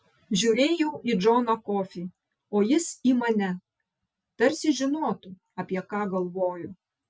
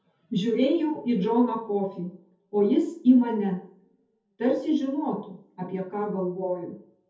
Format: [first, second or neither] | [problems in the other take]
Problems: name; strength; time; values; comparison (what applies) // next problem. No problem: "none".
first | room echo; dies away in 0.5 s